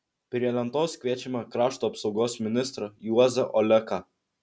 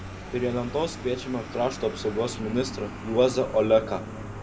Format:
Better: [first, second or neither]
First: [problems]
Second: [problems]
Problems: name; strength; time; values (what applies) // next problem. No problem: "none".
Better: first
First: none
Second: background sound (Vehicle); 11 dB below the speech // room echo; dies away in 1.4 s